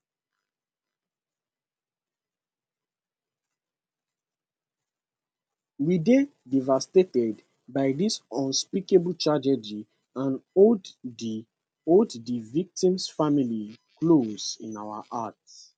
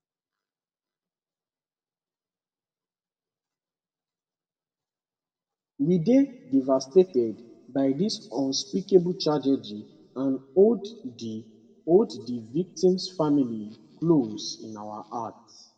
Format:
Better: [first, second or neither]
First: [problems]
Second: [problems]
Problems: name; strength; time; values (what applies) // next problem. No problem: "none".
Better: first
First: none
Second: room echo; dies away in 1.3 s